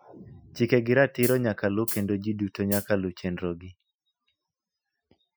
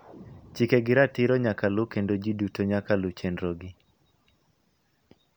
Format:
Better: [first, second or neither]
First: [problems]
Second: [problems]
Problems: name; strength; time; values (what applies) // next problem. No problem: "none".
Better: second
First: noise reduction (classical method Wiener filter)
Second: none